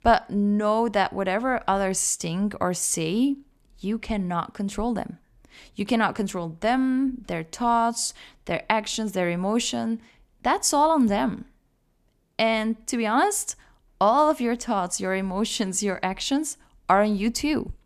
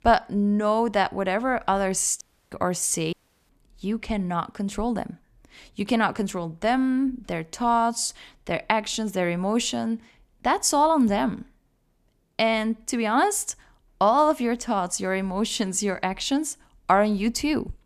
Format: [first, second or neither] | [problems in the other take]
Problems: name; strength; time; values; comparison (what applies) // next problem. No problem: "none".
first | audio cutting out; at 2 s and at 3 s